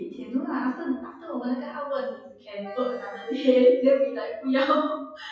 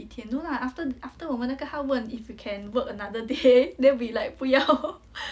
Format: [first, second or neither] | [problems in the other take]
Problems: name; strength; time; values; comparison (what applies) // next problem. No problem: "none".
second | noise reduction (classical method WPE with log-MMSE)